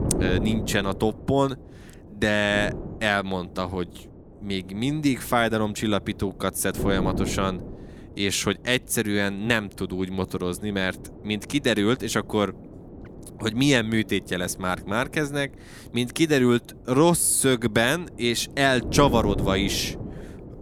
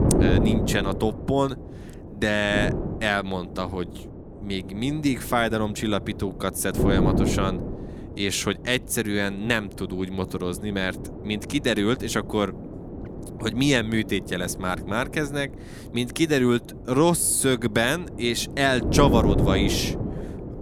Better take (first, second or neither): first